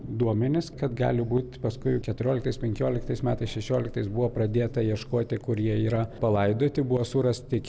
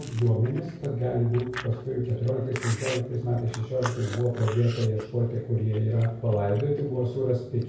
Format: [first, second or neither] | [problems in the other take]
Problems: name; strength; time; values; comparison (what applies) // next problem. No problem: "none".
first | background sound (Chewing, mastication); 16 dB below the speech // room echo; dies away in 0.6 s